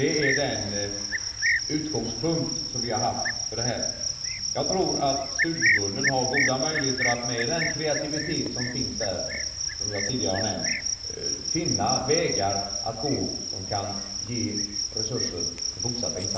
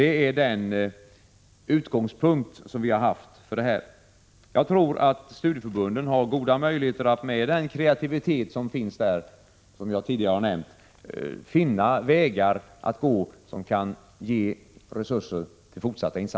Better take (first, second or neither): second